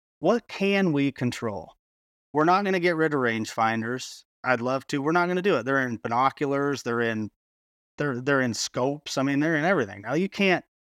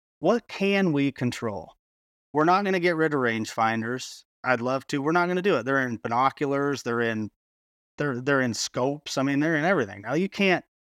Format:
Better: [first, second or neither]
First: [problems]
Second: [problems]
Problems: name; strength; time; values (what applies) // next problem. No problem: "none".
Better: neither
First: none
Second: none